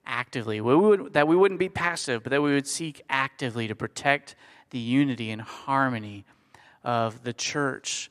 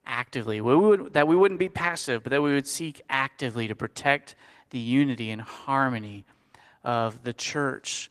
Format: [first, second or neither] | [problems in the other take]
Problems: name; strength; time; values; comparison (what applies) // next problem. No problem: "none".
first | garbled, watery; slightly; nothing above 14.5 kHz